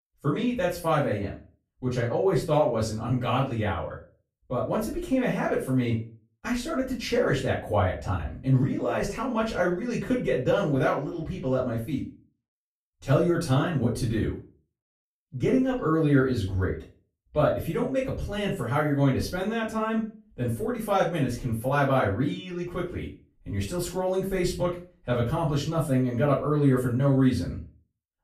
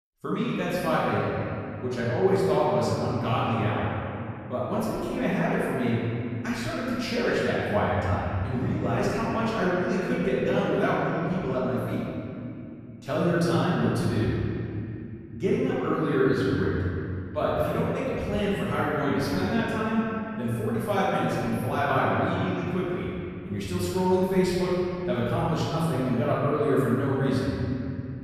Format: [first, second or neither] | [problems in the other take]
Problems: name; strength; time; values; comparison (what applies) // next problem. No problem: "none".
first | room echo; strong; dies away in 2.7 s; slight in the first // off-mic speech; far; far in the first